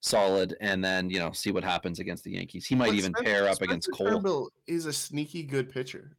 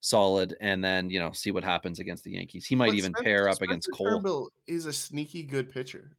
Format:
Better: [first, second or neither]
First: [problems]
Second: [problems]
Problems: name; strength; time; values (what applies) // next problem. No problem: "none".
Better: second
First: distortion; slight; 10 dB below the speech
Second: none